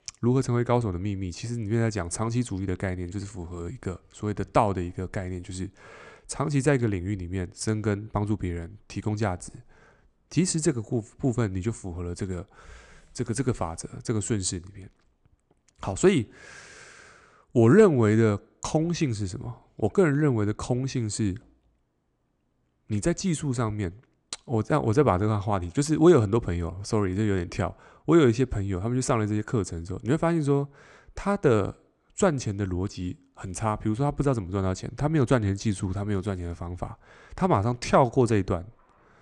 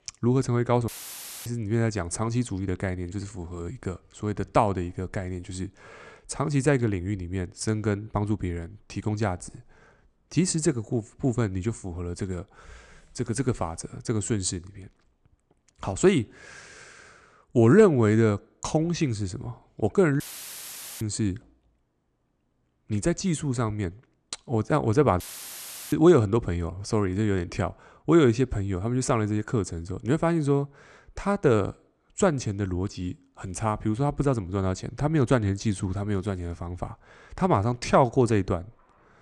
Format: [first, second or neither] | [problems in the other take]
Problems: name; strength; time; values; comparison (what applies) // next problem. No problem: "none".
first | audio cutting out; filled with static; at 1 s for 0.5 s, at 20 s for 1 s and at 25 s for 0.5 s